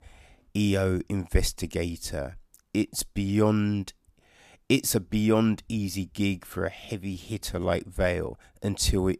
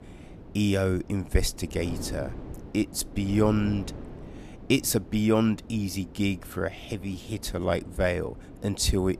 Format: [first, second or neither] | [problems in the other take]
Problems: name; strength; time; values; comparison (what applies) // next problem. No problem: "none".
first | wind noise on the microphone; occasional gusts; 15 dB below the speech